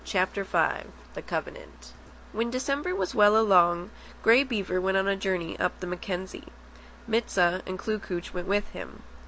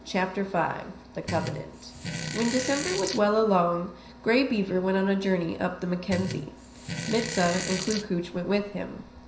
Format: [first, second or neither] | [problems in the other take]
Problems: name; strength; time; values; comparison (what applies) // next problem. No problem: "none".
first | background sound (Fart); 7 dB below the speech // room echo; dies away in 0.5 s